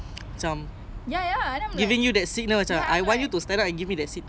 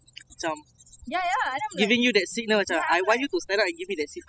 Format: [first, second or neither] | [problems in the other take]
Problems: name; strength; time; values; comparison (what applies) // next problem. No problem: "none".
first | noise reduction (classical method spectral subtraction)